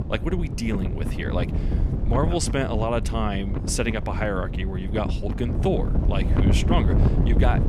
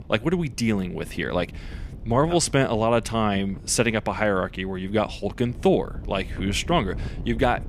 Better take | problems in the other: second | wind noise on the microphone; heavy; 6 dB below the speech; occasional gusts in the second

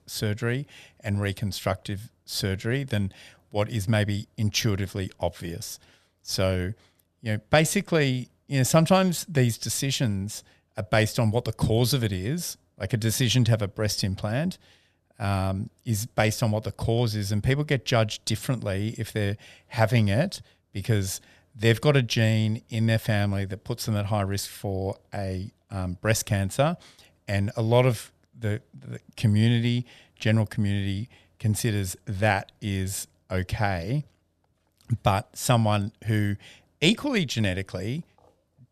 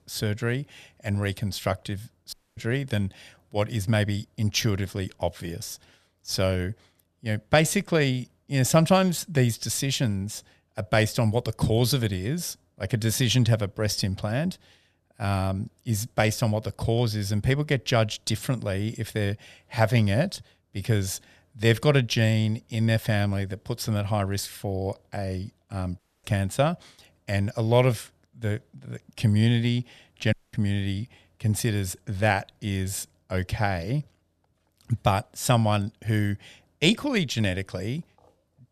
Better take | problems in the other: first | audio cutting out; at 2.5 s, at 26 s and at 30 s

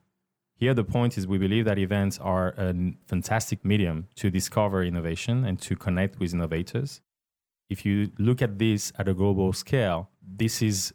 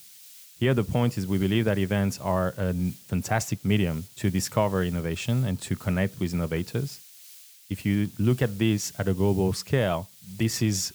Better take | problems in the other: first | hiss; noticeable; throughout; 20 dB below the speech

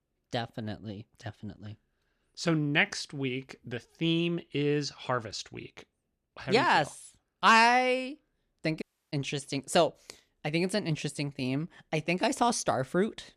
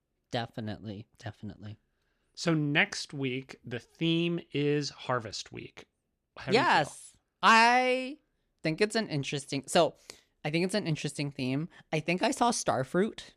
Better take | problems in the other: second | audio cutting out; at 9 s

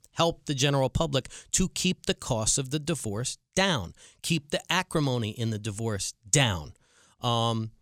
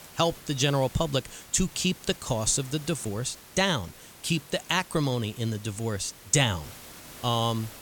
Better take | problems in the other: first | hiss; noticeable; throughout; 20 dB below the speech

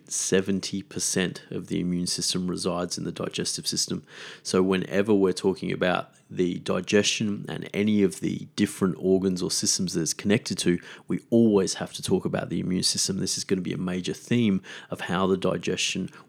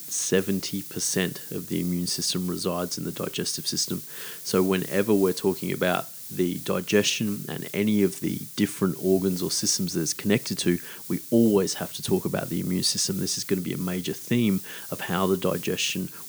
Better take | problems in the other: first | hiss; noticeable; throughout; 10 dB below the speech

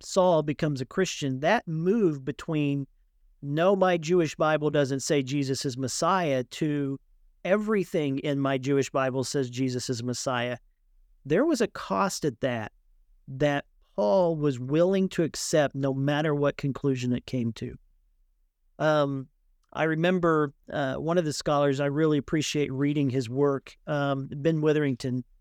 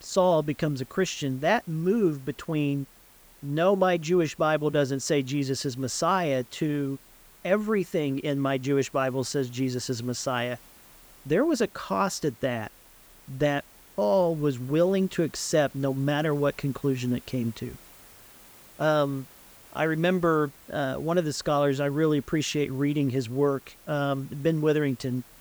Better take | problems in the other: first | hiss; faint; throughout; 25 dB below the speech

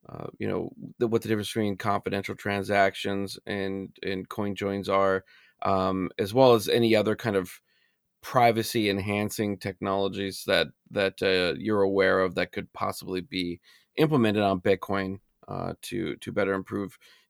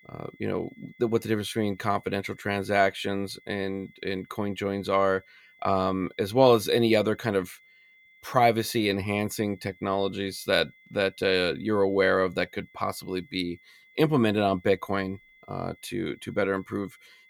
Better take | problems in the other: first | high-pitched whine; faint; throughout; 2 kHz, 30 dB below the speech

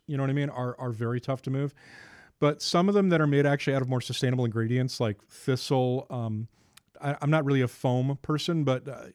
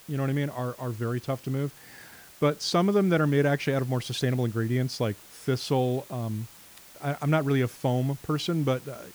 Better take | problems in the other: first | hiss; faint; throughout; 20 dB below the speech

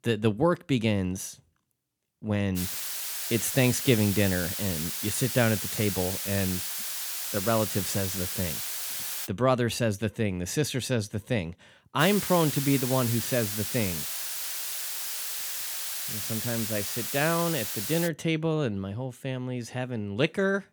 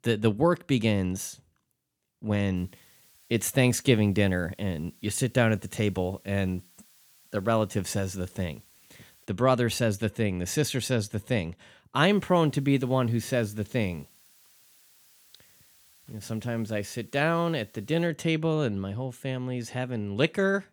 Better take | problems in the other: second | hiss; loud; from 2.5 to 9.5 s and from 12 to 18 s; 2 dB below the speech; faint in the second

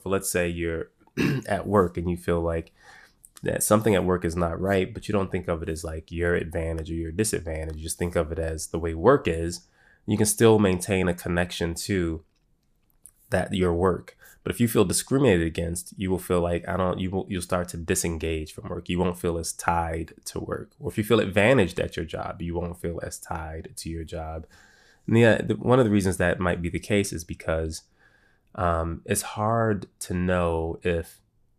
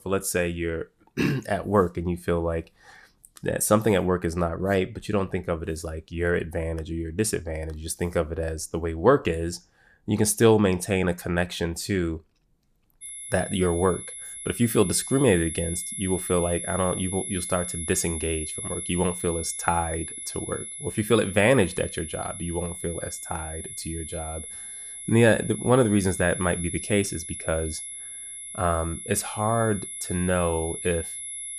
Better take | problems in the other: first | high-pitched whine; loud; from 13 s on; 11 kHz, 8 dB below the speech

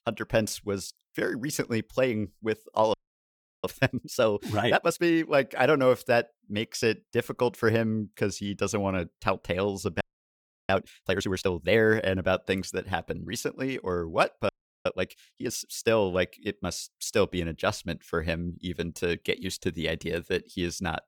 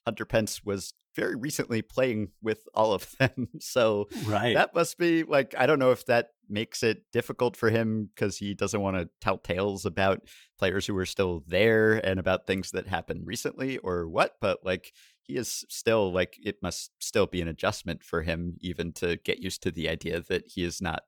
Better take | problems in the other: second | audio freezing; at 3 s for 0.5 s, at 10 s for 0.5 s and at 14 s

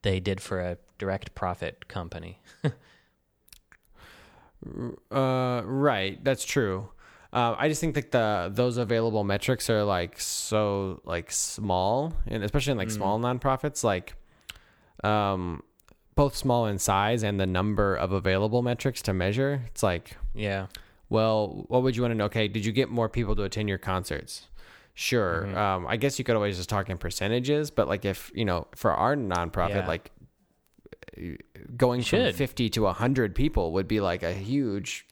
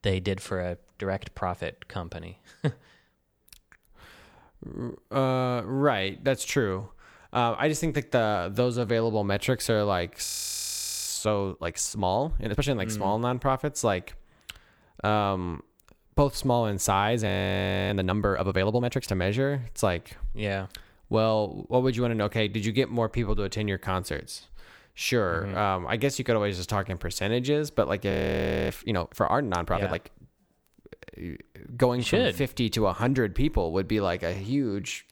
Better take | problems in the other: first | audio freezing; at 10 s for 1 s, at 17 s for 0.5 s and at 28 s for 0.5 s

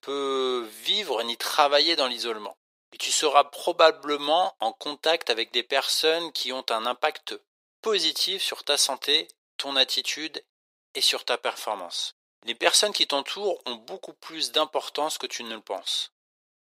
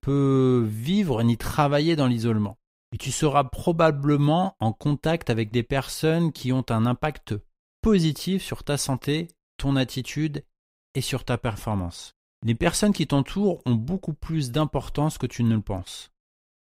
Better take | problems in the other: second | thin; very; fading below 450 Hz

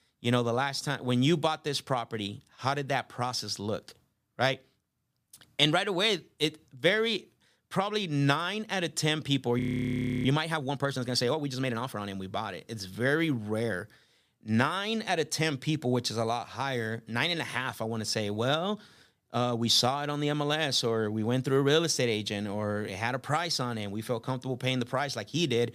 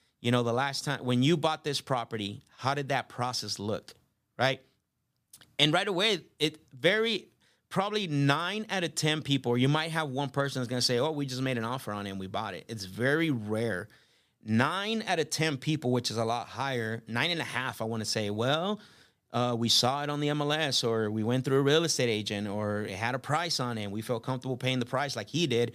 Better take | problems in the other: second | audio freezing; at 9.5 s for 0.5 s

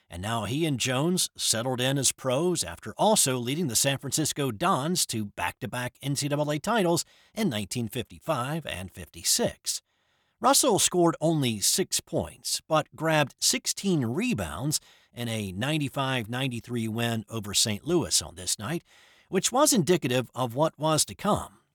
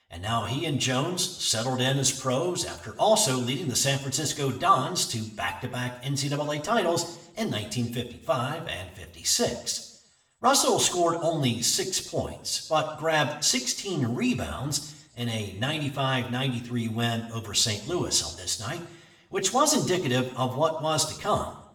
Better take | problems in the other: first | room echo; slight; dies away in 0.7 s // off-mic speech; somewhat distant

